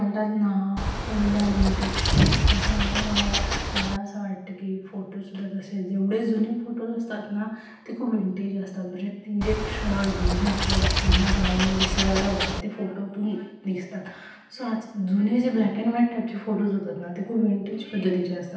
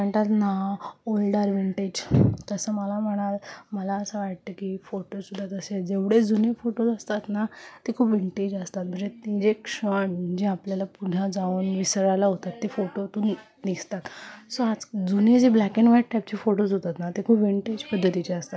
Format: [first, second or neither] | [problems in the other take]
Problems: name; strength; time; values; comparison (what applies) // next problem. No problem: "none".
second | background sound (Wild animals); 2 dB above the speech // room echo; dies away in 0.9 s